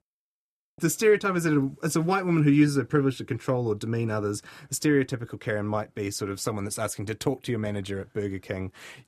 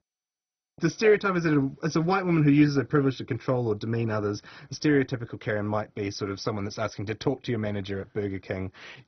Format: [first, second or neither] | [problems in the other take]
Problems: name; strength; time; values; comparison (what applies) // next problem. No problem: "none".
first | garbled, watery; badly; nothing above 6 kHz